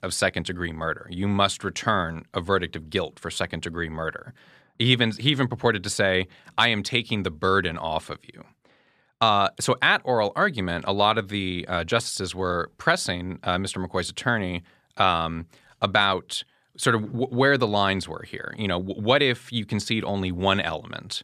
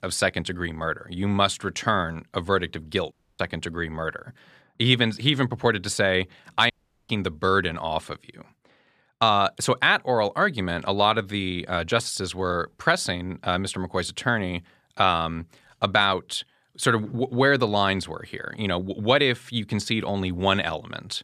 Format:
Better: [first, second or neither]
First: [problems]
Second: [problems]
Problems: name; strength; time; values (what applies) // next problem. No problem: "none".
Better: first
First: none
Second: audio cutting out; at 3 s and at 6.5 s